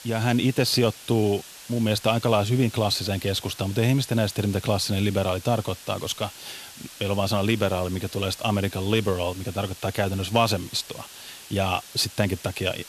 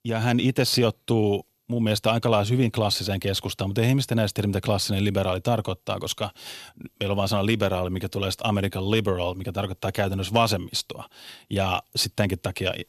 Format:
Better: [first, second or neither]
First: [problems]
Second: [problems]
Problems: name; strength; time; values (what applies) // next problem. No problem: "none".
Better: second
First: hiss; noticeable; throughout; 15 dB below the speech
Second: none